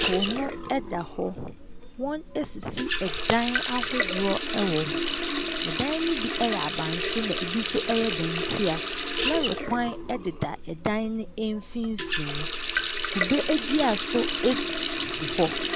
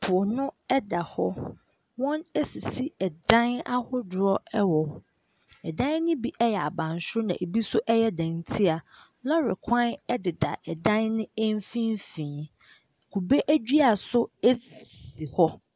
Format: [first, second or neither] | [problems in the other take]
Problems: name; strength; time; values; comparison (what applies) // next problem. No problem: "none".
second | background sound (Water tap, faucet); 1 dB below the speech